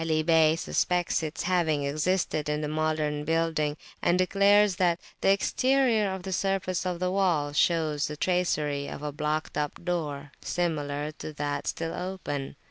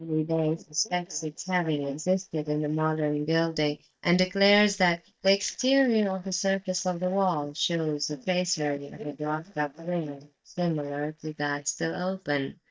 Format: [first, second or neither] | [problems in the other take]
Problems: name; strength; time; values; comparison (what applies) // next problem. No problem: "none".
first | noise reduction (neural mask model DeepFilterNet 3)